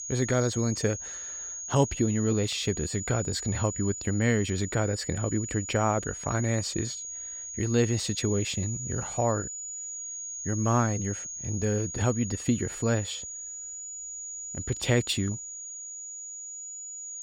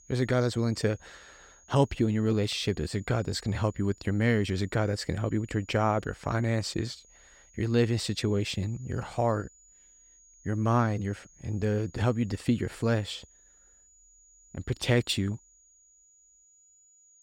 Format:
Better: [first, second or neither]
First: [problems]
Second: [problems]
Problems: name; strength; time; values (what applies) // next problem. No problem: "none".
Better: second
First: high-pitched whine; loud; throughout; 7 kHz, 7 dB below the speech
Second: high-pitched whine; faint; throughout; 7 kHz, 30 dB below the speech